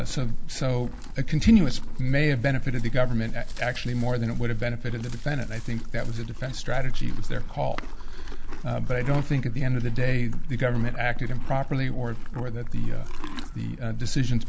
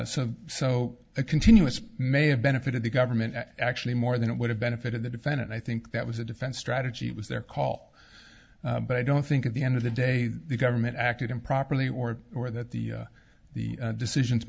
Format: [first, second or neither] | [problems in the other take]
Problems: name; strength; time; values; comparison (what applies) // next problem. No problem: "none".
second | background sound (Livestock, farm animals, working animals); 2 dB above the speech